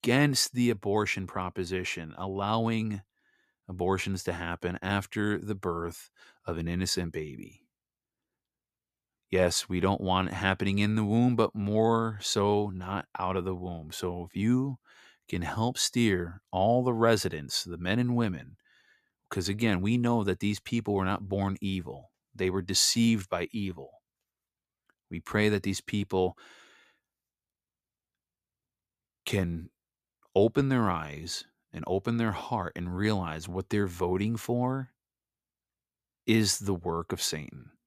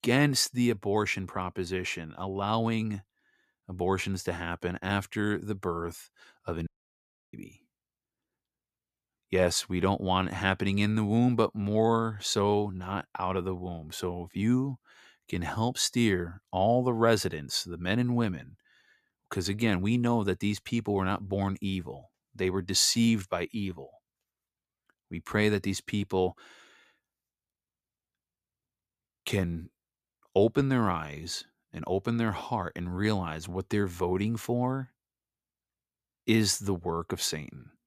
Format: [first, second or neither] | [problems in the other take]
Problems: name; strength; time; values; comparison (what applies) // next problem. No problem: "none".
first | audio cutting out; at 6.5 s for 0.5 s